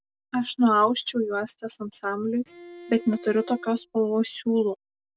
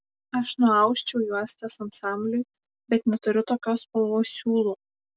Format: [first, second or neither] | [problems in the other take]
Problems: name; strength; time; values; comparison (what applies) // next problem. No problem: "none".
second | background sound (Bowed string instrument); 19 dB below the speech